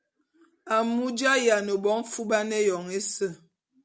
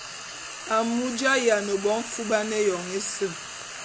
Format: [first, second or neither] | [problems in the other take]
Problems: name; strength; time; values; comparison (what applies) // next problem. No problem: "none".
first | background sound (Frying (food)); 11 dB below the speech